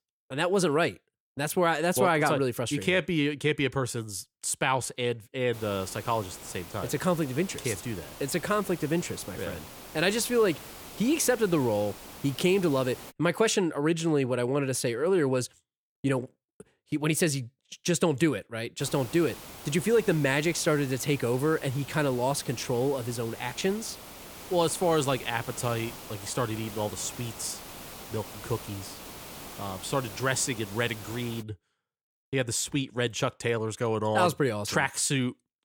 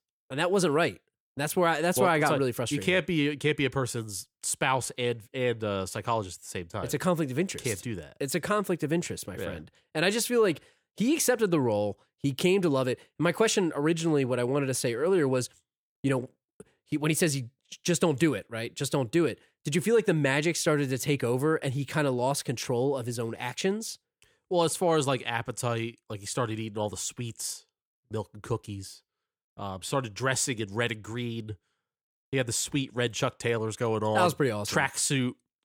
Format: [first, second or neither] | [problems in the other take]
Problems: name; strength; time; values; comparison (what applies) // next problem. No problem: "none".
second | hiss; noticeable; from 5.5 to 13 s and from 19 to 31 s; 15 dB below the speech